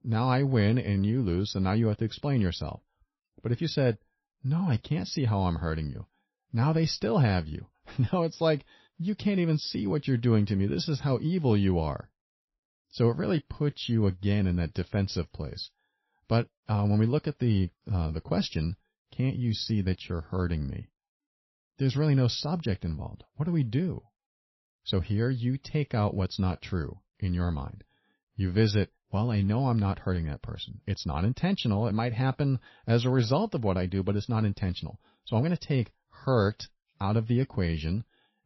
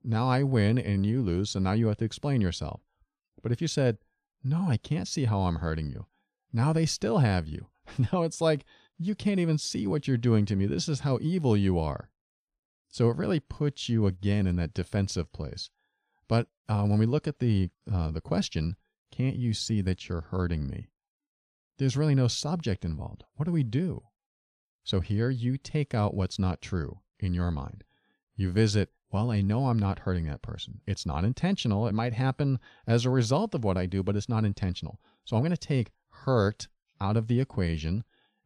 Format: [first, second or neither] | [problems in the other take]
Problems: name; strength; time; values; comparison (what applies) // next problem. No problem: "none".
second | garbled, watery; slightly; nothing above 5.5 kHz